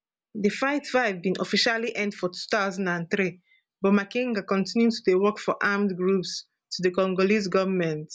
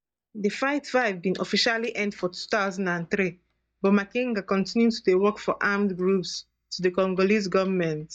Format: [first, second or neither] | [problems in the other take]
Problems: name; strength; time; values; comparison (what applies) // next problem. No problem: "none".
first | noise reduction (neural mask model DeepFilterNet 3)